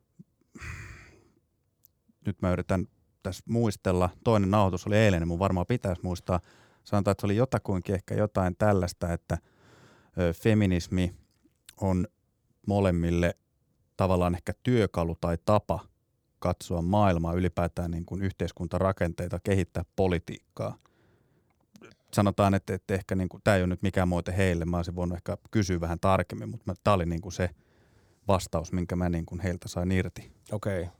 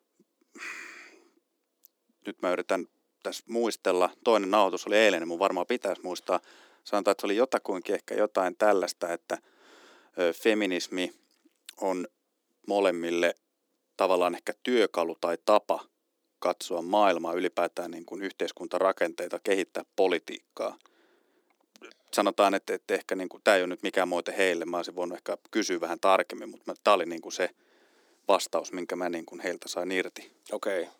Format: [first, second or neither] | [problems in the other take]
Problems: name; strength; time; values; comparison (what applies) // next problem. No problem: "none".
first | thin; somewhat; fading below 250 Hz